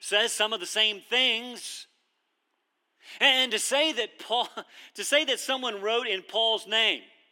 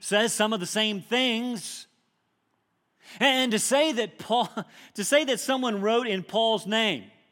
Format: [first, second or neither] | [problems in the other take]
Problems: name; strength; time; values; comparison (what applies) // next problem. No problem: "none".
second | thin; somewhat; fading below 300 Hz